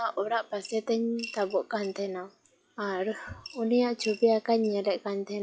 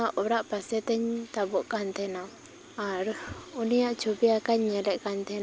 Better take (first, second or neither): second